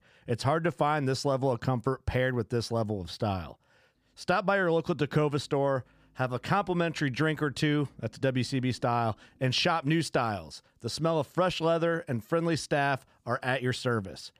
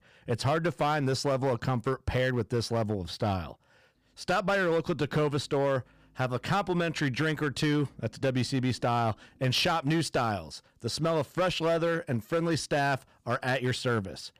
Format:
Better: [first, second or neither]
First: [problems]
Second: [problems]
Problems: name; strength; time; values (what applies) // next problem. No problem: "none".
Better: first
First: none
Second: distortion; slight; 8% of the sound clipped